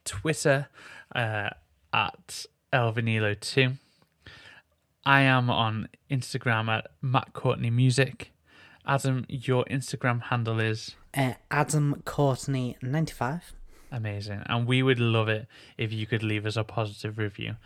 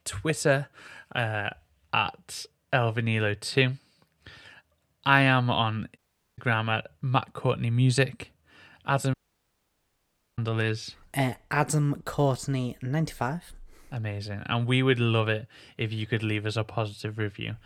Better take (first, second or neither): first